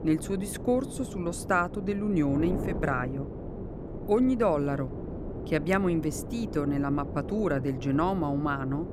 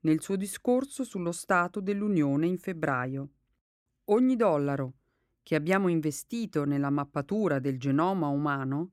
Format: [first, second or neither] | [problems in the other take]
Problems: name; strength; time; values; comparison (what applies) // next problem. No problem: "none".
second | wind noise on the microphone; occasional gusts; 10 dB below the speech